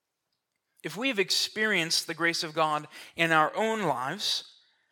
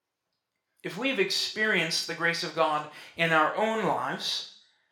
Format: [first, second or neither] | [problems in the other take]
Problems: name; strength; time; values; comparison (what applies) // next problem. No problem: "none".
first | room echo; very slight; dies away in 0.4 s